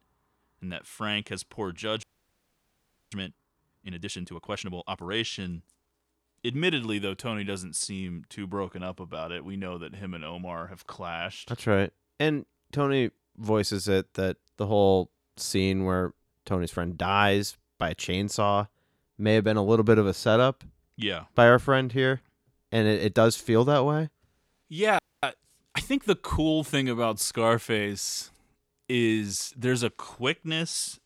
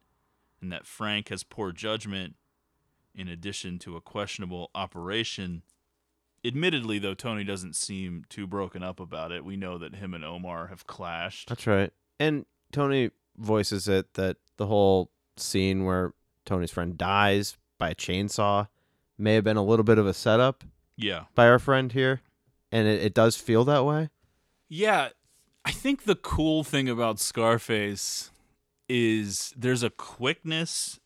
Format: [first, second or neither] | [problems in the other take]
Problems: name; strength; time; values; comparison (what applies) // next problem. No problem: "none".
second | audio freezing; at 2 s for 1 s and at 25 s